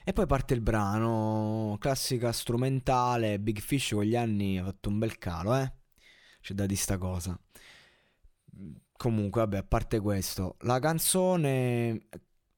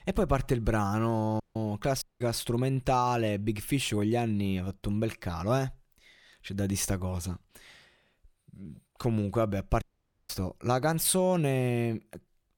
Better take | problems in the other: first | audio cutting out; at 1.5 s, at 2 s and at 10 s

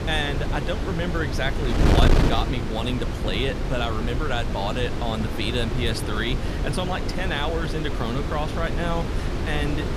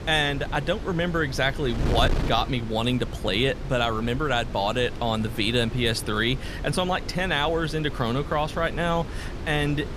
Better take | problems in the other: second | wind noise on the microphone; heavy; 3 dB below the speech; occasional gusts in the second

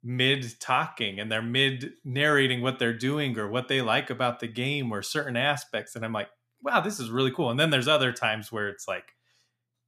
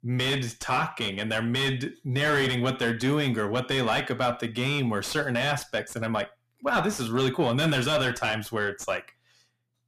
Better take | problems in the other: first | distortion; heavy; 6 dB below the speech

